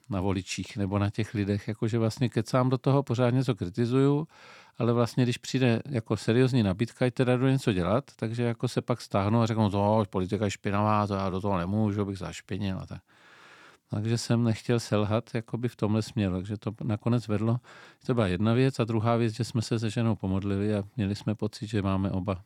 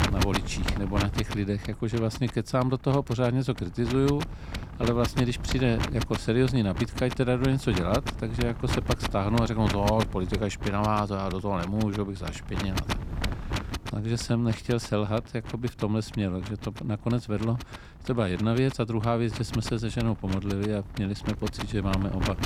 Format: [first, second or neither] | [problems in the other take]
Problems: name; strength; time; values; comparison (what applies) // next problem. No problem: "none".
first | wind noise on the microphone; heavy; 6 dB below the speech